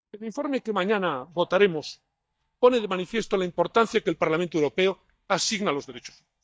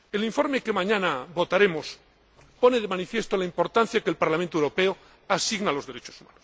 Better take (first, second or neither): second